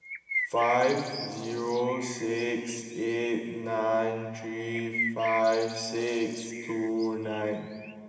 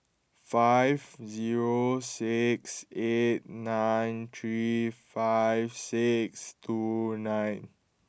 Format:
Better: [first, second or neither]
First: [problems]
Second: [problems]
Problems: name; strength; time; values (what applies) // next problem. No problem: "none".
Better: second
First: background sound (Bird); 9 dB below the speech // room echo; dies away in 2.4 s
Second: none